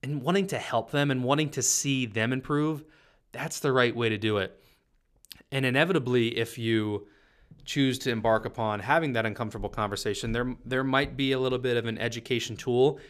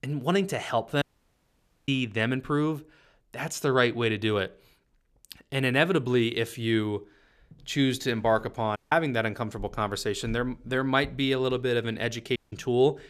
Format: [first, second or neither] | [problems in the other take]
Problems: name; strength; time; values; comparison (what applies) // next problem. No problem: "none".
first | audio cutting out; at 1 s for 1 s, at 9 s and at 12 s